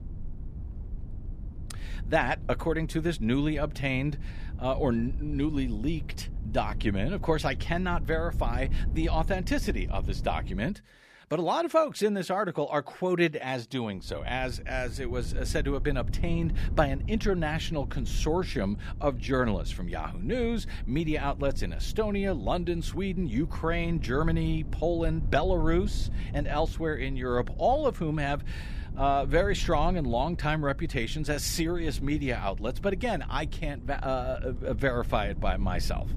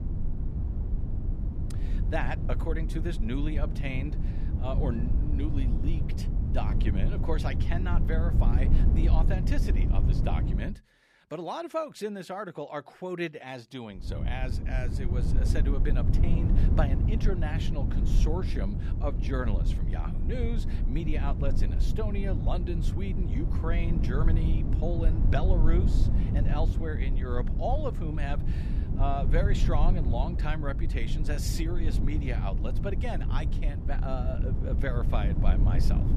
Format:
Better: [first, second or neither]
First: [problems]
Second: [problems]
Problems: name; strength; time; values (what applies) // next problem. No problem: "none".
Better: first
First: low rumble; faint; until 11 s and from 14 s on; 20 dB below the speech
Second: low rumble; loud; until 11 s and from 14 s on; 5 dB below the speech